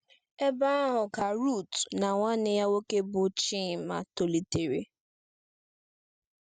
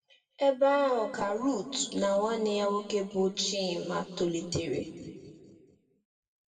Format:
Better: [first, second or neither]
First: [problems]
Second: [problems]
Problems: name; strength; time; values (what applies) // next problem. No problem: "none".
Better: first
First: none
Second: room echo; dies away in 2 s